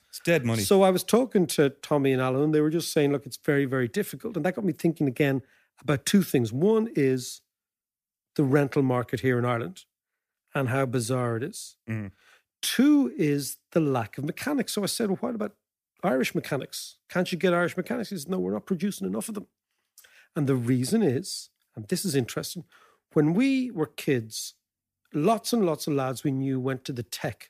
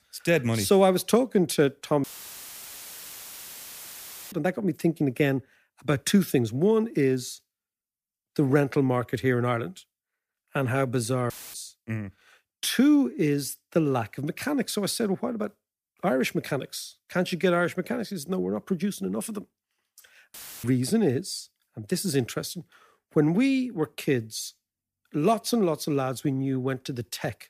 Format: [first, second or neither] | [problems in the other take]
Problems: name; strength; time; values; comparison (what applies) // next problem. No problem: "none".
first | audio cutting out; filled with static; at 2 s for 2.5 s, at 11 s and at 20 s